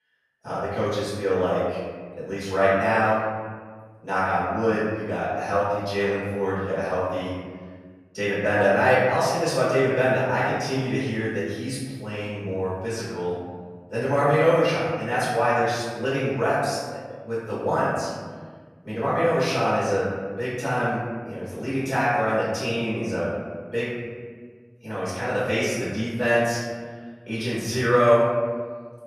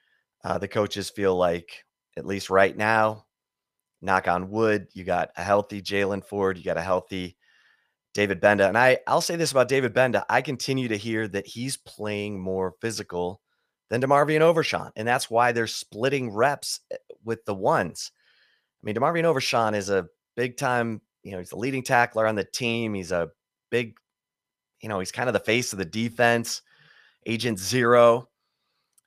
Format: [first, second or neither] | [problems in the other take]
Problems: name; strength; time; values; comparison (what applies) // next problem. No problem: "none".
second | room echo; strong; dies away in 1.7 s // off-mic speech; far